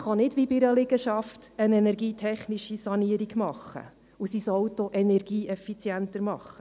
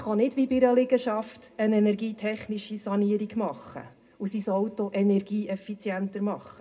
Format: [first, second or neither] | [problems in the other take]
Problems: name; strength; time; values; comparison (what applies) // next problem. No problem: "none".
first | room echo; dies away in 0.2 s